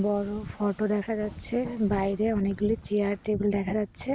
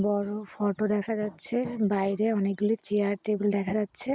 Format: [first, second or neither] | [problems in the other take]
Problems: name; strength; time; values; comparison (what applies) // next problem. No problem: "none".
second | background sound (Wind / Ocean); 14 dB below the speech